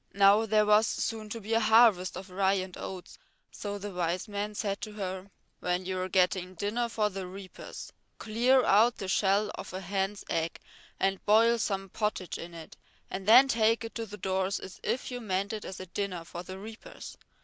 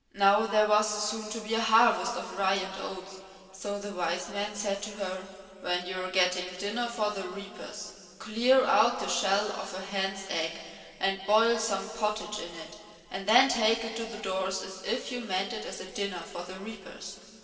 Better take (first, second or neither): first